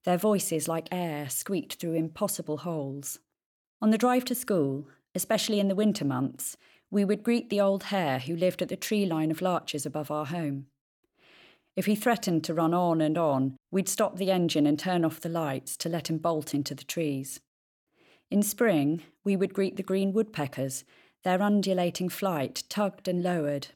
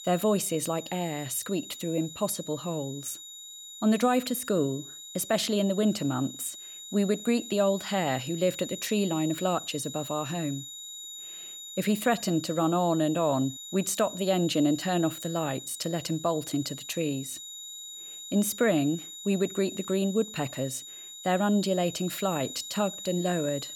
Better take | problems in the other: first | high-pitched whine; noticeable; throughout; 4 kHz, 10 dB below the speech

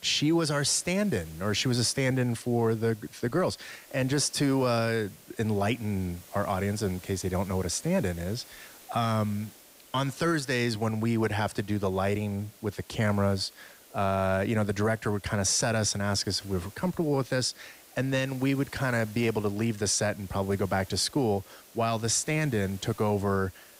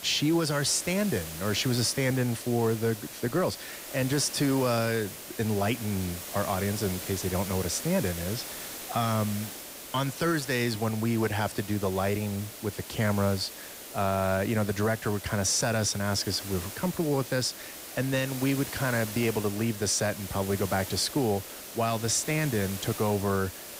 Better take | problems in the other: first | hiss; loud; throughout; 10 dB below the speech; faint in the first

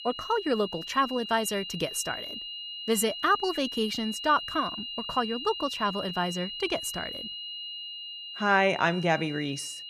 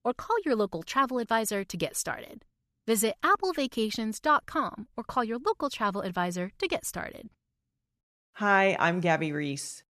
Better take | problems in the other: second | high-pitched whine; loud; throughout; 3 kHz, 8 dB below the speech

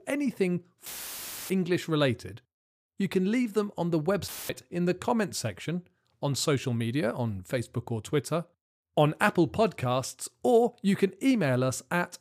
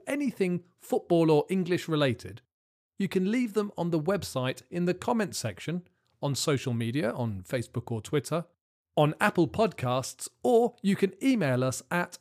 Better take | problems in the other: second | audio cutting out; filled with static; at 1 s for 0.5 s and at 4.5 s

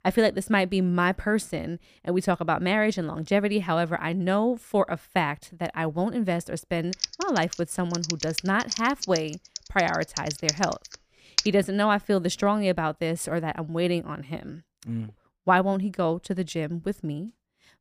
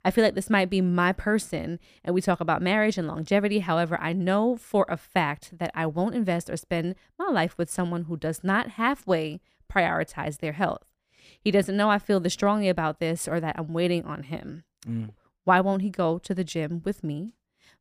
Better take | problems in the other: second | keyboard typing; noticeable; from 7 to 11 s; peak level with the speech

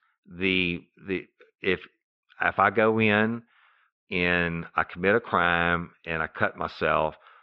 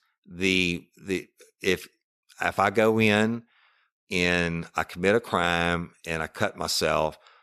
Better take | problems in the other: second | muffled; very; fading above 3.5 kHz

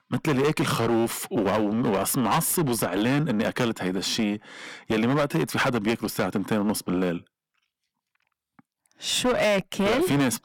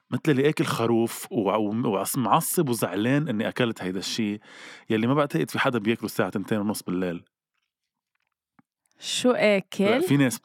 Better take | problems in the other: second | distortion; heavy; 14% of the sound clipped

